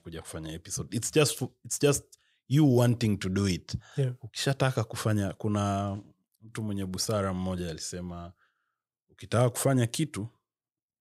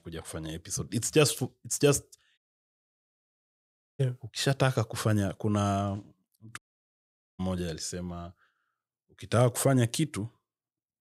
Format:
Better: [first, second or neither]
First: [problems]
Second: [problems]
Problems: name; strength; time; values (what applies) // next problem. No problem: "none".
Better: first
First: none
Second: audio cutting out; at 2.5 s for 1.5 s and at 6.5 s for 1 s